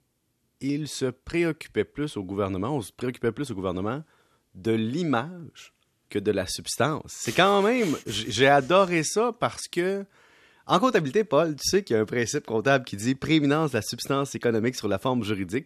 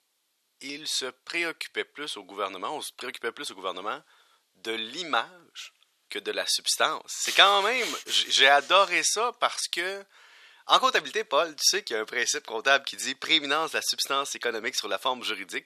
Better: first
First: none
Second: thin; very; fading below 800 Hz

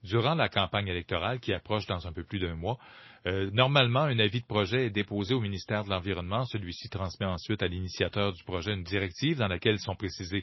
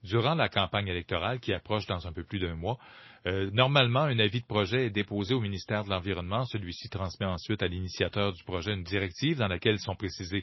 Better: neither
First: garbled, watery; slightly; nothing above 5.5 kHz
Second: garbled, watery; slightly; nothing above 5.5 kHz

